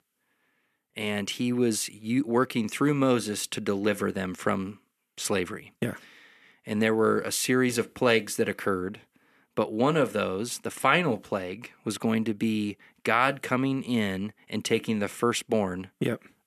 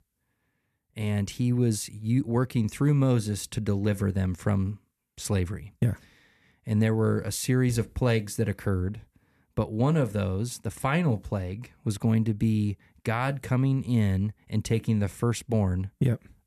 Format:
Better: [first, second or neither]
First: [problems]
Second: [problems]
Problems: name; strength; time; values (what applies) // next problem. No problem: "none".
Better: second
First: thin; somewhat; fading below 300 Hz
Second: none